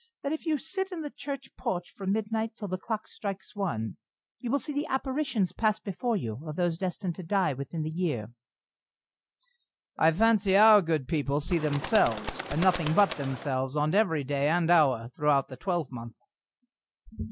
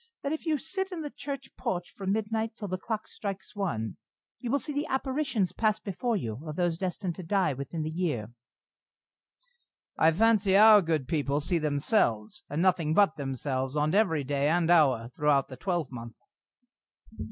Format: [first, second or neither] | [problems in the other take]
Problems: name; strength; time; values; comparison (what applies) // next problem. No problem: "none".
second | background sound (Bird); 8 dB below the speech